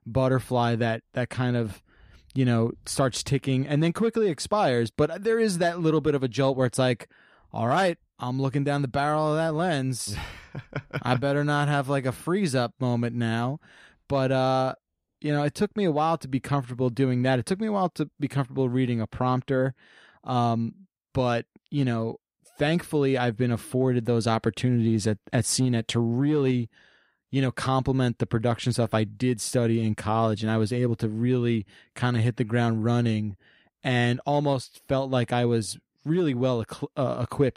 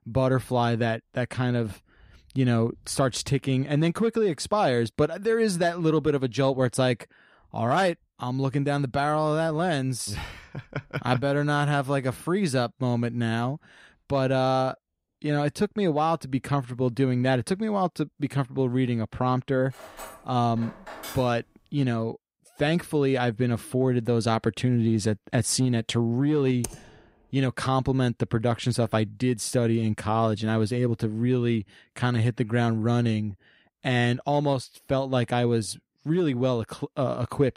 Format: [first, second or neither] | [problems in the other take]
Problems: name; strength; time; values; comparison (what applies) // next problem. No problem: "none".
first | clattering dishes; faint; from 20 to 21 s; peak 10 dB below the speech // keyboard typing; faint; at 27 s; peak 10 dB below the speech